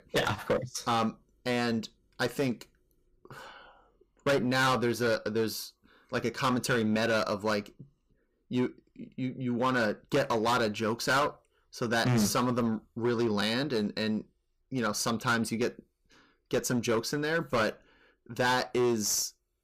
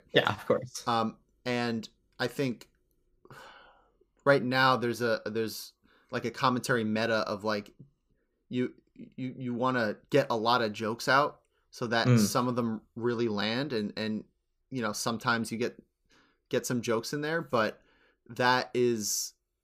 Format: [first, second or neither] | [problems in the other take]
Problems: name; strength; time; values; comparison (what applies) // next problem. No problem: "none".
second | distortion; heavy; 9% of the sound clipped